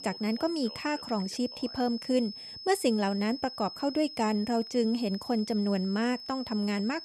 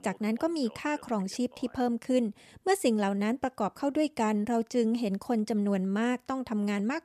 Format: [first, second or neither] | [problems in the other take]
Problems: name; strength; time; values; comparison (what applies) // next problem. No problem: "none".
second | high-pitched whine; noticeable; throughout; 5 kHz, 10 dB below the speech